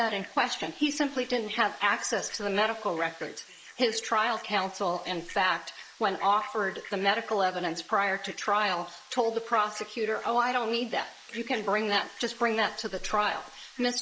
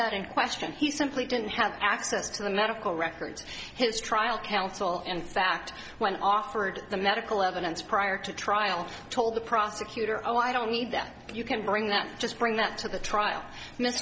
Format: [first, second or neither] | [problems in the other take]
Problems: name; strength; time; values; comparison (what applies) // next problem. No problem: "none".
second | noise reduction (neural mask model Resemble Enhance denoiser)